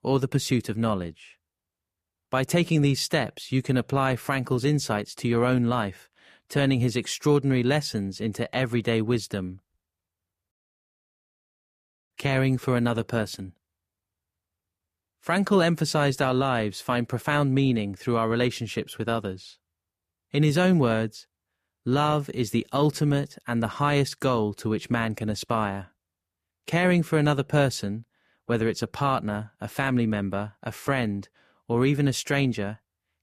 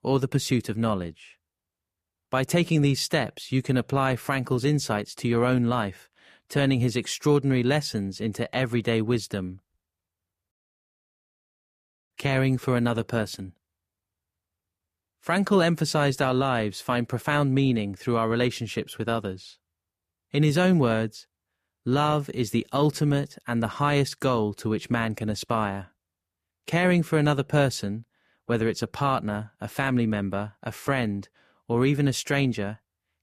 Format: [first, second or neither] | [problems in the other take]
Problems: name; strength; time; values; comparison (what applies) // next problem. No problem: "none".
neither | none